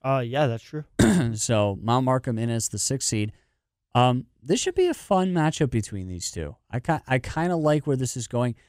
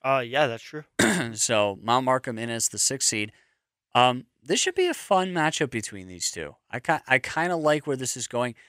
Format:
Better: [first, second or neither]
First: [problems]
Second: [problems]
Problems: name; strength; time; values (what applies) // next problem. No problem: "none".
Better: first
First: none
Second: thin; somewhat; fading below 600 Hz